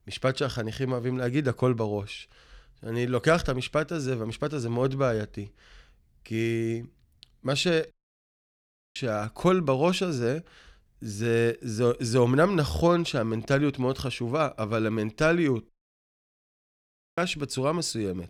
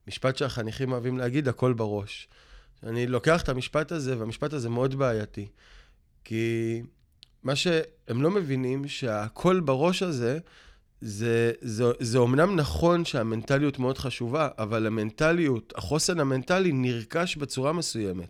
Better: second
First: audio cutting out; at 8 s for 1 s and at 16 s for 1.5 s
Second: none

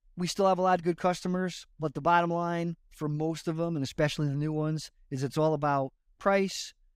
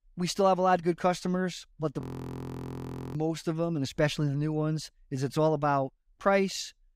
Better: first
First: none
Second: audio freezing; at 2 s for 1 s

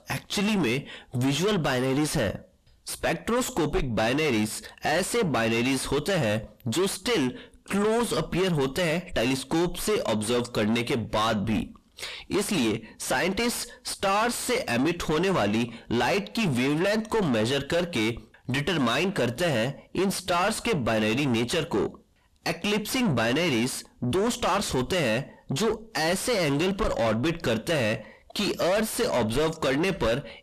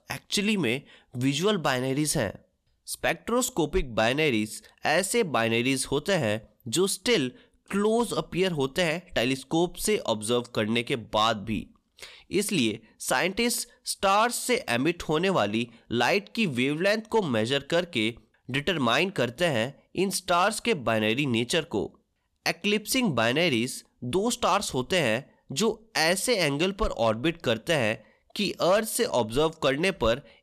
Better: second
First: distortion; heavy; 5 dB below the speech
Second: none

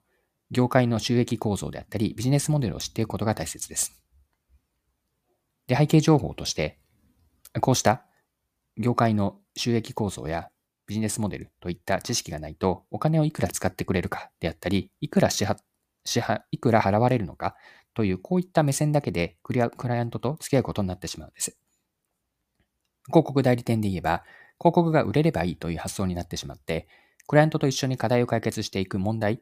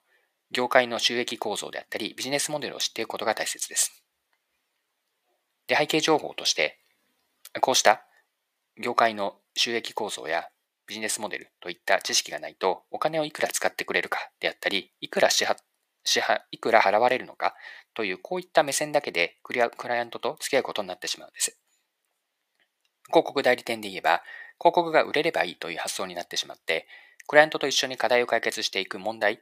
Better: first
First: none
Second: thin; very; fading below 550 Hz

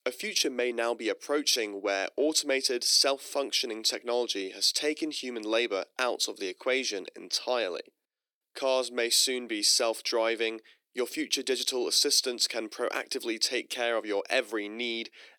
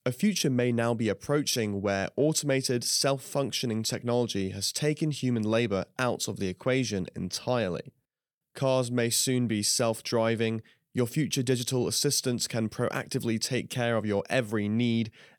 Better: second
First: thin; somewhat; fading below 300 Hz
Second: none

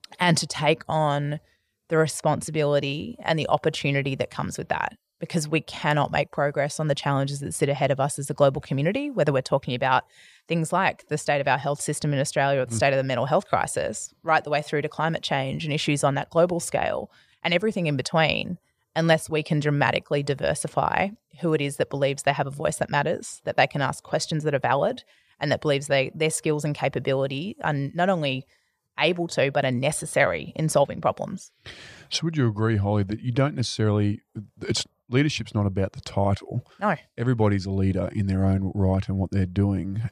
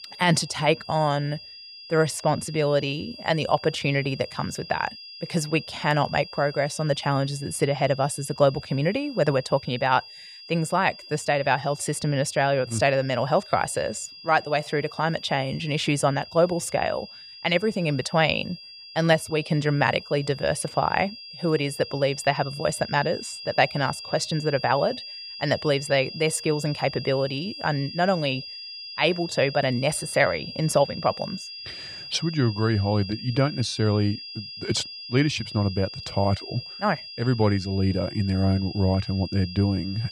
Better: first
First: none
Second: high-pitched whine; noticeable; throughout; 5 kHz, 15 dB below the speech

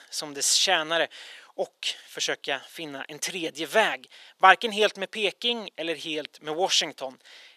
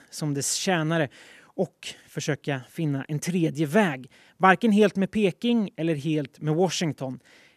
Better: second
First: thin; very; fading below 650 Hz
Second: none

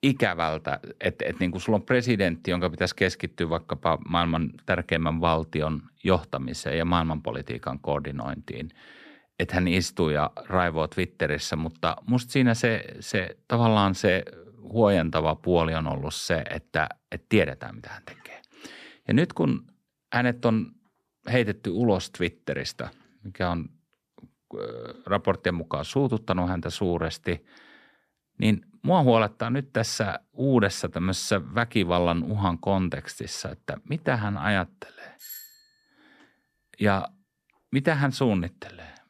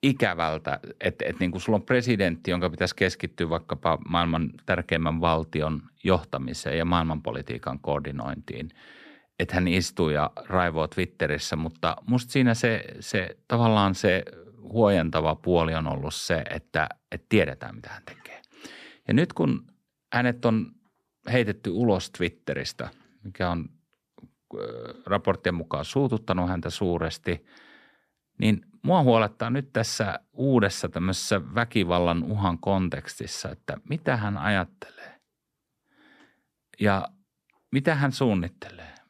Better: second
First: doorbell; faint; at 35 s; peak 15 dB below the speech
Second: none

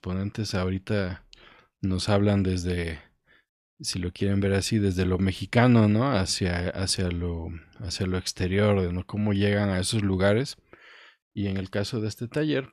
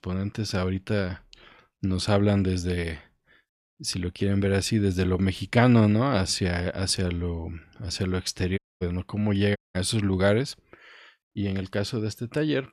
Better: first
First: none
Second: audio cutting out; at 8.5 s and at 9.5 s

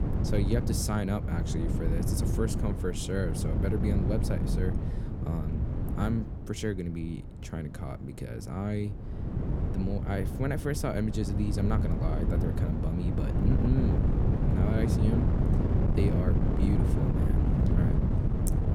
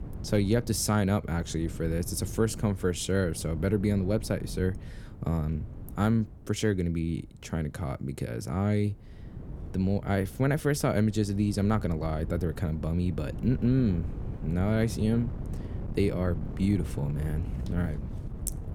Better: second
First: wind noise on the microphone; heavy; 1 dB below the speech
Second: wind noise on the microphone; occasional gusts; 15 dB below the speech

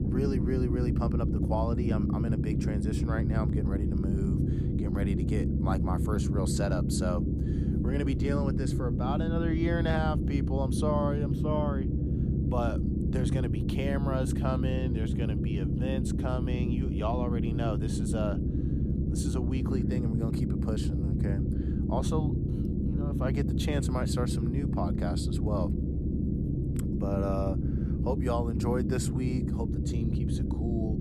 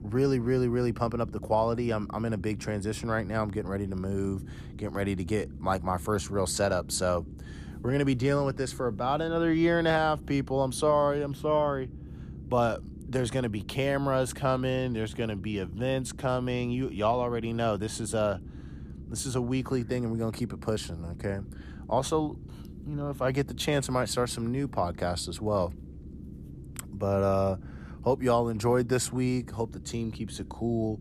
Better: second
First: low rumble; loud; throughout; 2 dB below the speech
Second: low rumble; faint; throughout; 20 dB below the speech

